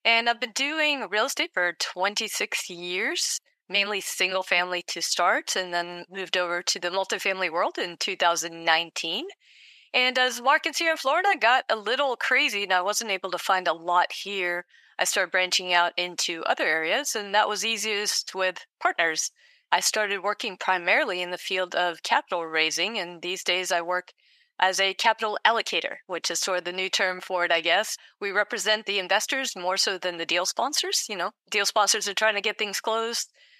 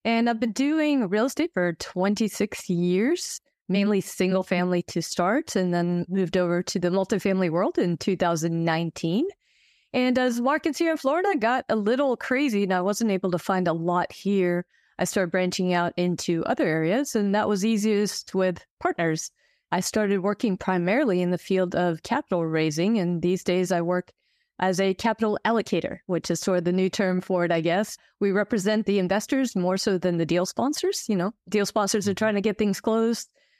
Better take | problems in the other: second | thin; very; fading below 750 Hz

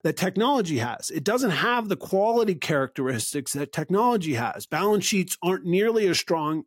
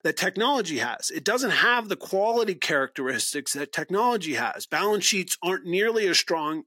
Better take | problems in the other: first | thin; very slightly; fading below 250 Hz

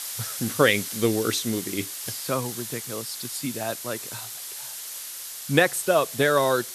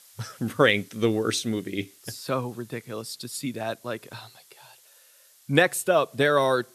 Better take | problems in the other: second | hiss; loud; throughout; 8 dB below the speech; faint in the second

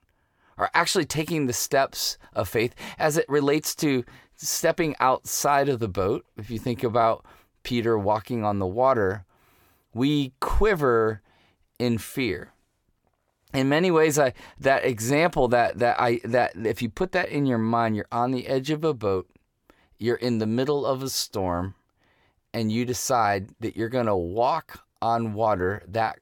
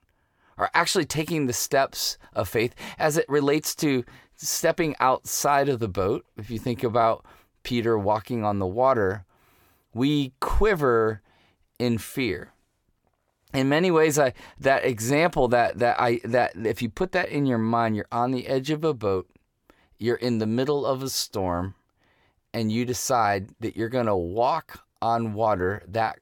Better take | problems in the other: neither | none

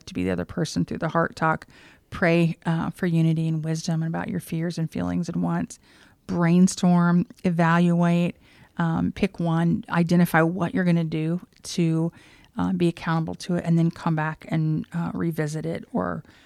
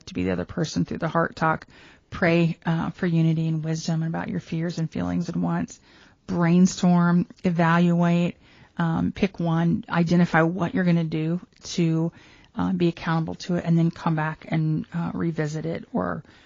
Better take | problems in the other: first | garbled, watery; slightly; nothing above 6.5 kHz

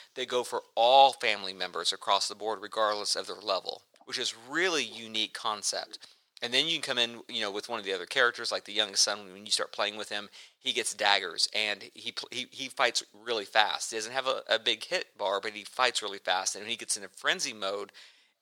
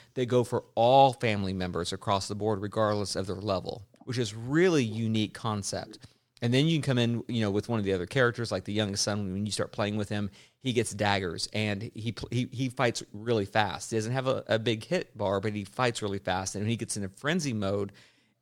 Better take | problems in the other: second | thin; very; fading below 700 Hz

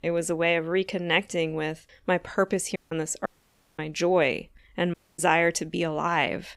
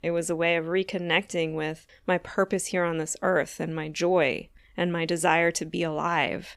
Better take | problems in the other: second | audio cutting out; at 3 s, at 3.5 s for 0.5 s and at 5 s

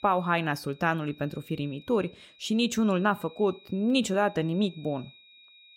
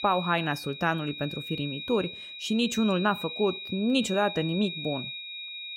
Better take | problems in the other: first | high-pitched whine; loud; throughout; 4 kHz, 8 dB below the speech; faint in the first

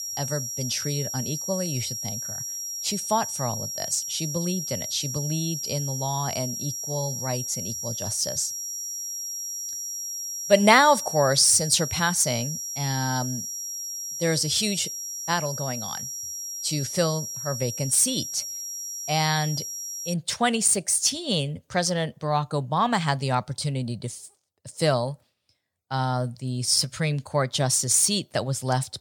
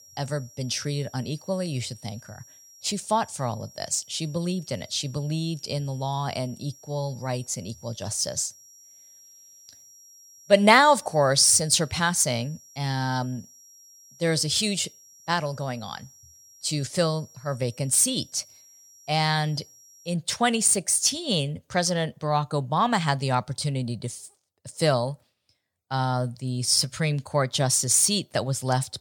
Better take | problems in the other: second | high-pitched whine; loud; until 20 s; 5.5 kHz, 5 dB below the speech; faint in the second

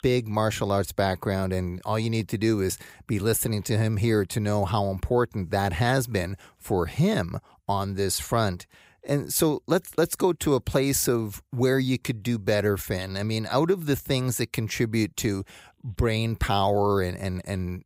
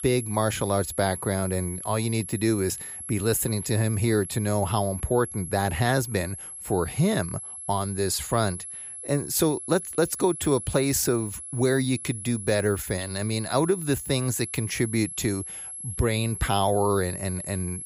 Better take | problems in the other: first | high-pitched whine; loud; throughout; 11 kHz, 9 dB below the speech

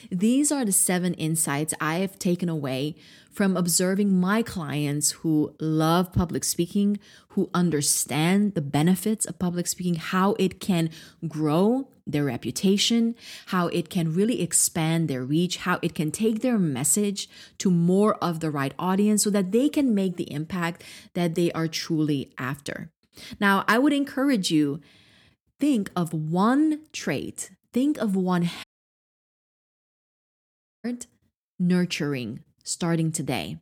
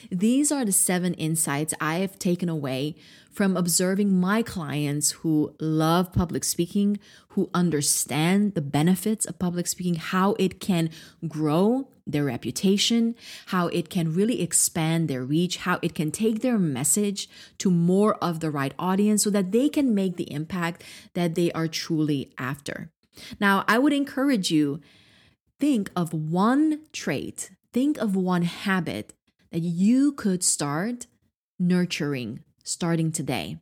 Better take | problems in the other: second | audio cutting out; at 29 s for 2 s

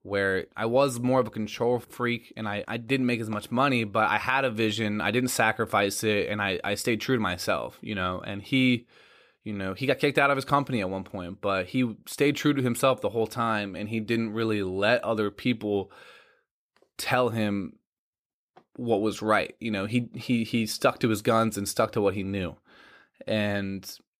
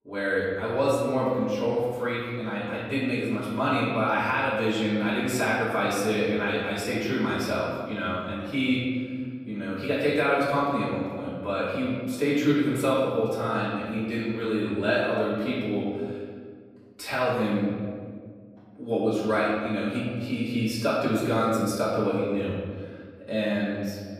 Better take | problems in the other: first | off-mic speech; far // room echo; noticeable; dies away in 1.8 s

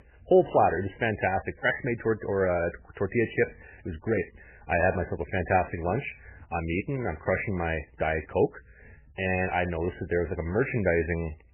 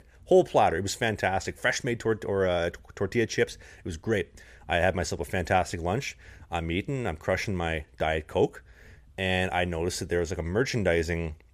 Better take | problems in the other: second | garbled, watery; badly; nothing above 2.5 kHz

